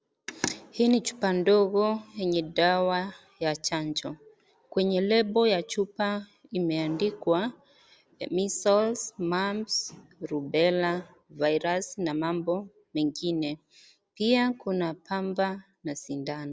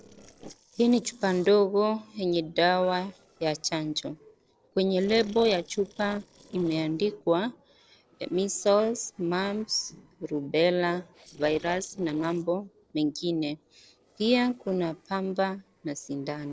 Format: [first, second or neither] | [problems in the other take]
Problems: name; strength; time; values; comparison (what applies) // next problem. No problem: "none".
first | noise reduction (neural separator model SepFormer DNS4)